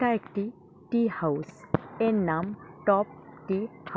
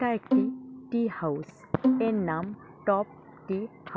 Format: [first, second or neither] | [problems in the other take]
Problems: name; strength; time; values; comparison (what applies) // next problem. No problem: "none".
first | background sound (Bowed string instrument); 1 dB below the speech